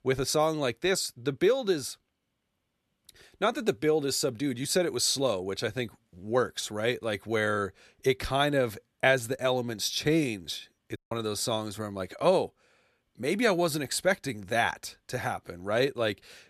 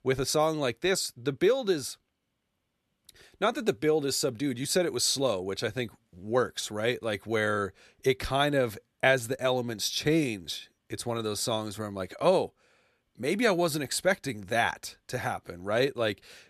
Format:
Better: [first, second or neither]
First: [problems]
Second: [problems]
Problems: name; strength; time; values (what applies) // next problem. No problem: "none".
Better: second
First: audio cutting out; at 11 s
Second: none